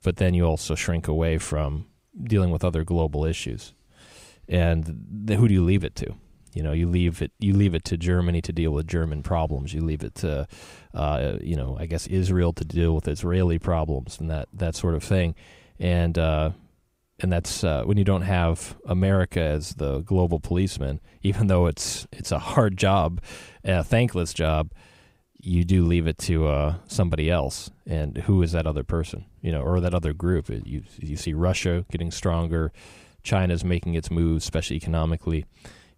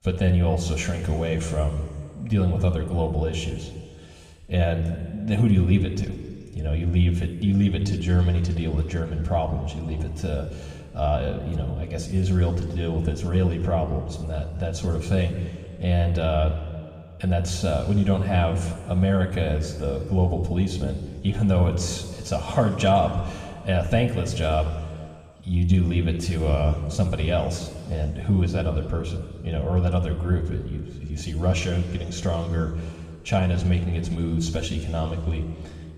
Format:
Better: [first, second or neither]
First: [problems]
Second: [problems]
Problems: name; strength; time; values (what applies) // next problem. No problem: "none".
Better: first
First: none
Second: room echo; noticeable; dies away in 2 s // off-mic speech; somewhat distant